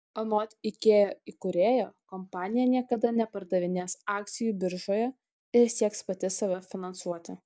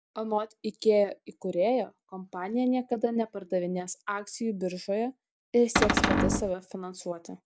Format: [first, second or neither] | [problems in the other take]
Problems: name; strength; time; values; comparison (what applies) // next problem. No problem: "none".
first | background sound (Cupboard open or close); 4 dB above the speech